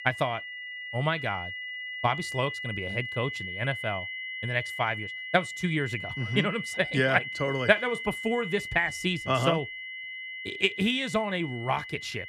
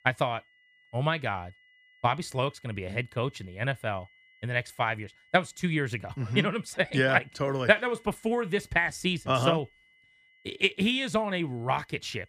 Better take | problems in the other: second | high-pitched whine; loud; throughout; 2 kHz, 6 dB below the speech; faint in the second

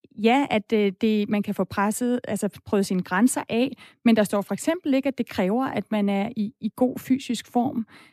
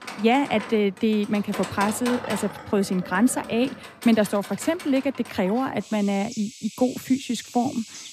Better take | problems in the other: first | animal sounds; noticeable; throughout; 15 dB below the speech

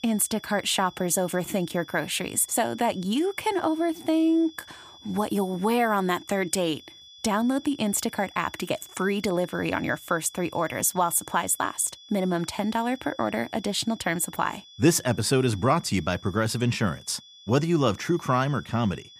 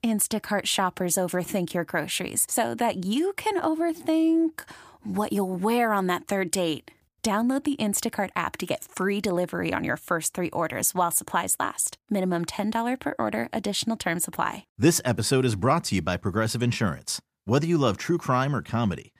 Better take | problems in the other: second | high-pitched whine; faint; throughout; 3.5 kHz, 20 dB below the speech

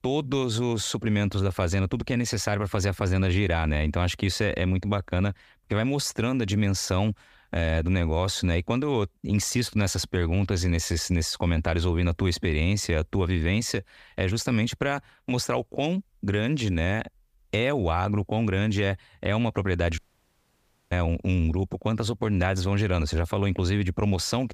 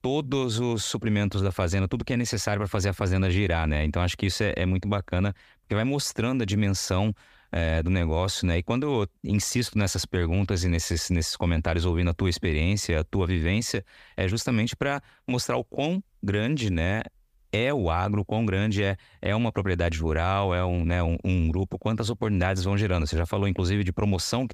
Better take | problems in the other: second | audio cutting out; at 20 s for 1 s

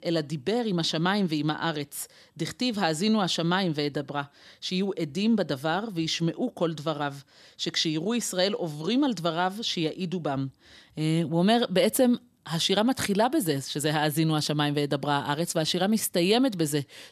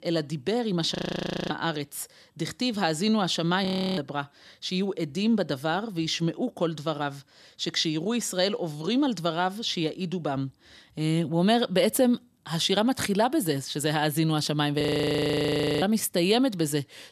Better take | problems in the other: first | audio freezing; at 1 s for 0.5 s, at 3.5 s and at 15 s for 1 s

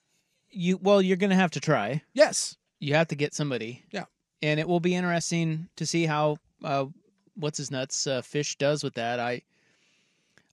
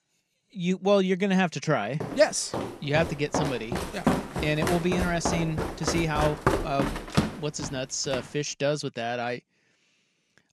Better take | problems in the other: first | footsteps; loud; from 2 to 8 s; peak 2 dB above the speech

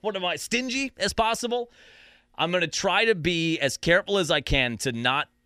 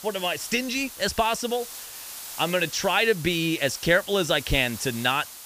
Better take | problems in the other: first | hiss; noticeable; throughout; 15 dB below the speech

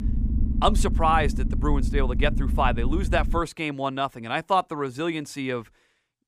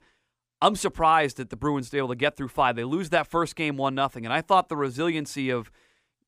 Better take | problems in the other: second | low rumble; noticeable; until 3.5 s; 15 dB below the speech

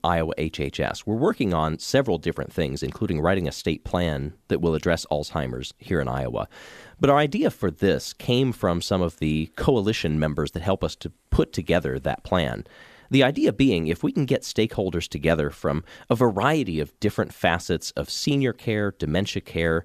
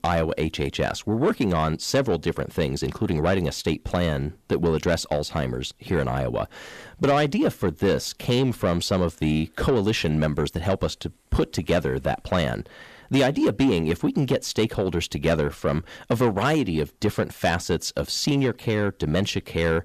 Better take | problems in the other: first | distortion; slight; 10 dB below the speech

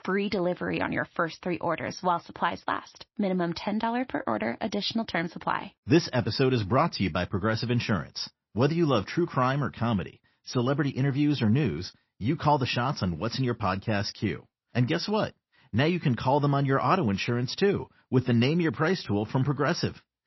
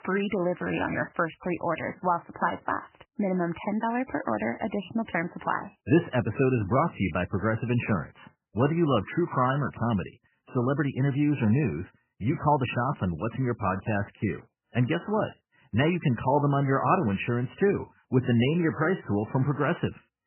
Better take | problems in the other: first | garbled, watery; badly; nothing above 3 kHz; slightly in the first

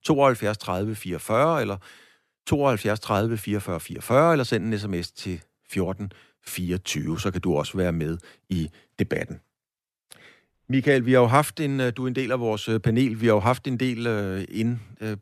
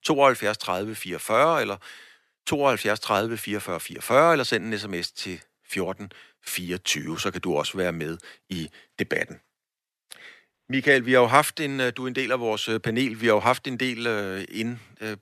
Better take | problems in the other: first | thin; very slightly; fading below 450 Hz

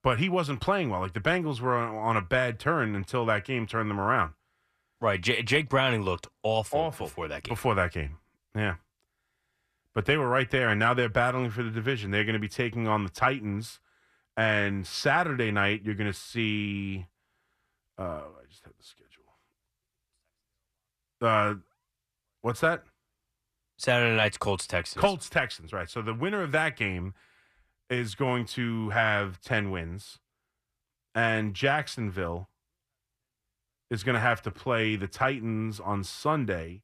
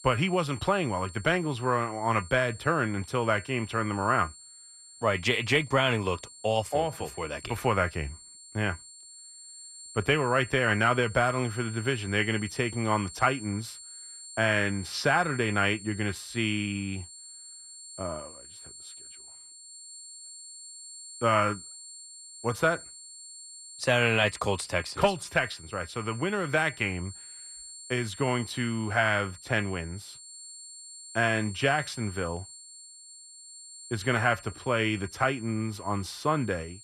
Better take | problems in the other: first | high-pitched whine; noticeable; throughout; 7.5 kHz, 15 dB below the speech

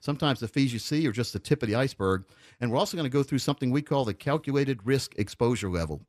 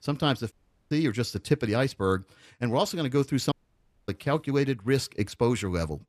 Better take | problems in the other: first | audio cutting out; at 0.5 s and at 3.5 s for 0.5 s

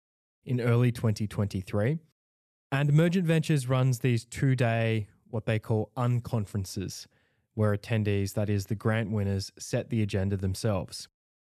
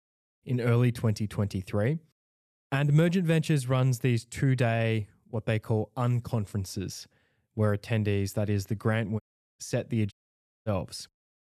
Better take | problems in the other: first | audio cutting out; at 9 s and at 10 s for 0.5 s

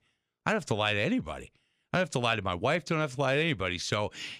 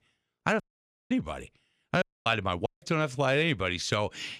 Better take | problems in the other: first | audio cutting out; at 0.5 s for 0.5 s, at 2 s and at 2.5 s

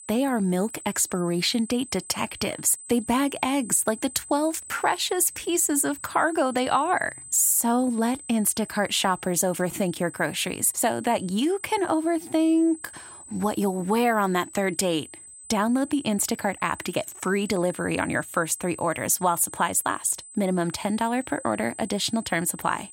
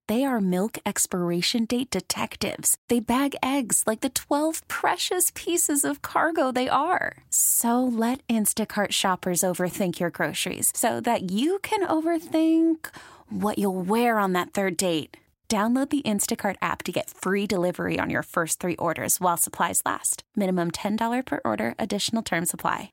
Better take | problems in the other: second | high-pitched whine; noticeable; throughout; 8 kHz, 15 dB below the speech

